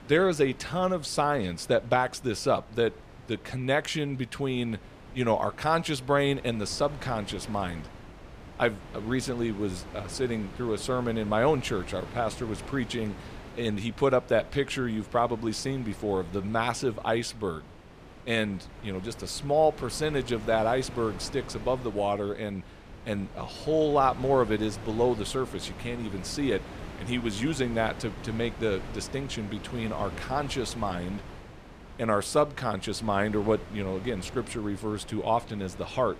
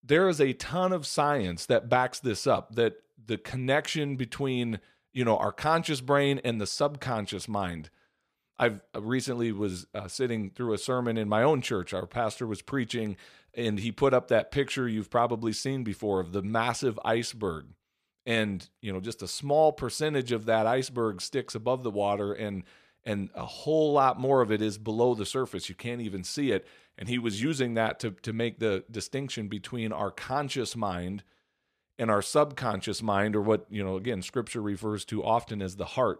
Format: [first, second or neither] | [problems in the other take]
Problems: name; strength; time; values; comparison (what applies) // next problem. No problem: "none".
second | wind noise on the microphone; occasional gusts; 15 dB below the speech